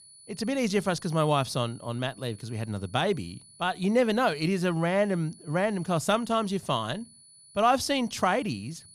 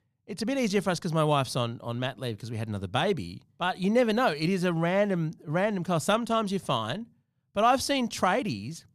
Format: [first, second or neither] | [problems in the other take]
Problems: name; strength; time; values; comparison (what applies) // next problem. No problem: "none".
second | high-pitched whine; faint; throughout; 10 kHz, 25 dB below the speech